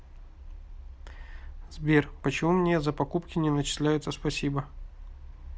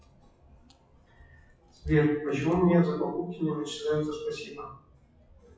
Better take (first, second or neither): first